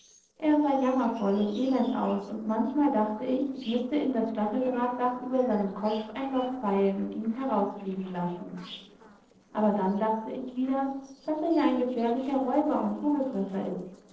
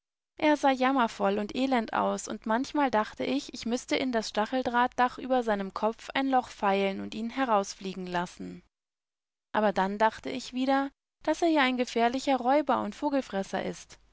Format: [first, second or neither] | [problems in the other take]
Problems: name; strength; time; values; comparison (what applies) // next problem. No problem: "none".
second | noise reduction (neural separator model SepFormer DNS4)